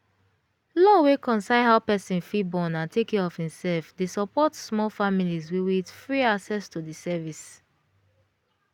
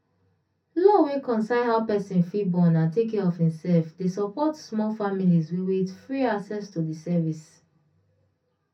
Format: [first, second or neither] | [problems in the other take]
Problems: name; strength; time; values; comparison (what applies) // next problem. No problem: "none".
first | room echo; dies away in 0.3 s